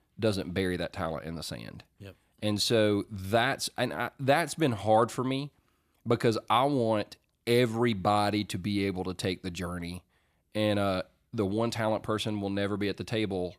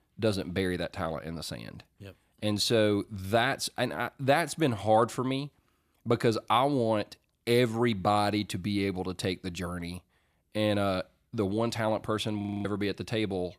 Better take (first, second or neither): first